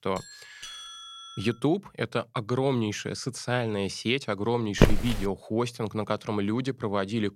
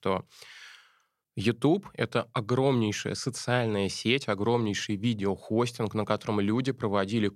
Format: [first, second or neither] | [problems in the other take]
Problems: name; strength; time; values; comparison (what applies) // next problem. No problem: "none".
second | doorbell; noticeable; until 1.5 s; peak 10 dB below the speech // footsteps; loud; at 5 s; peak 6 dB above the speech